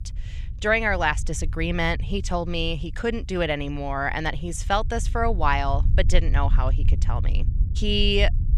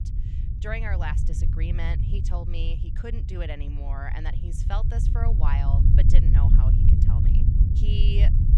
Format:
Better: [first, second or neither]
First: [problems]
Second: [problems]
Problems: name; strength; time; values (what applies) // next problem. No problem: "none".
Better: first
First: low rumble; faint; throughout; 20 dB below the speech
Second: low rumble; loud; throughout; 3 dB below the speech